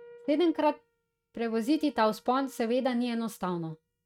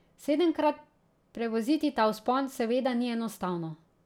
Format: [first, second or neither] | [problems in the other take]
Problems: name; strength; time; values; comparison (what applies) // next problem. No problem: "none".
second | noise reduction (neural mask model RNNoise)